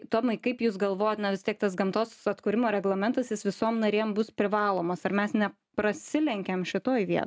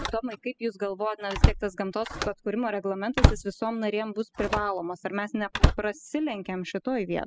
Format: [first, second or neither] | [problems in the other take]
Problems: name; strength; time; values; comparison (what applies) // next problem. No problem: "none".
first | noise reduction (classical method spectral subtraction)